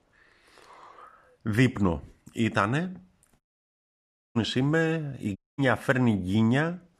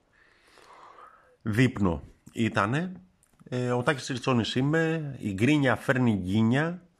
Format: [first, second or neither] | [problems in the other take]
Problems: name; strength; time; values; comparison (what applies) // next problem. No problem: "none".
second | audio cutting out; at 3.5 s for 1 s and at 5.5 s